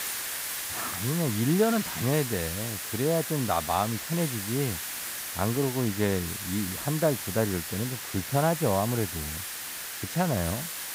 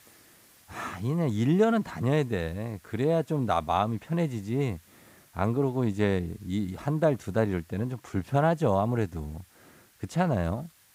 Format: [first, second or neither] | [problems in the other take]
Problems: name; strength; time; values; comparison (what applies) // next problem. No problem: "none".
second | hiss; loud; throughout; 4 dB below the speech; faint in the second